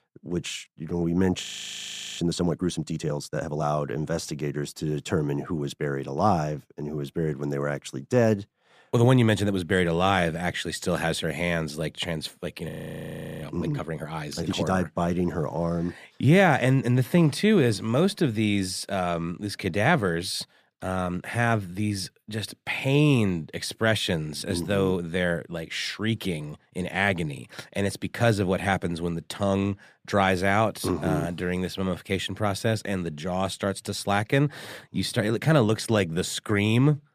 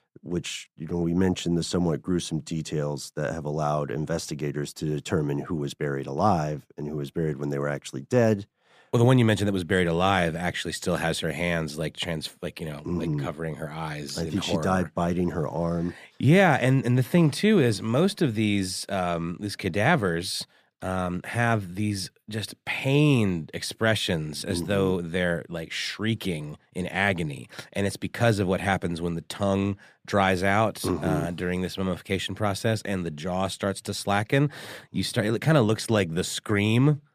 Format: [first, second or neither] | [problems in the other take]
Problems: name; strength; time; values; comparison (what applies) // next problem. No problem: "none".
second | audio freezing; at 1.5 s for 1 s and at 13 s for 0.5 s